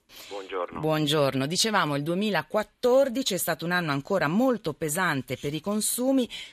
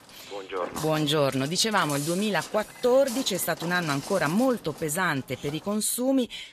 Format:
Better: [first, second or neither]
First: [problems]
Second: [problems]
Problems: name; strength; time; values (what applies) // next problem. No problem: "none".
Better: first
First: none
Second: footsteps; noticeable; until 6 s; peak 8 dB below the speech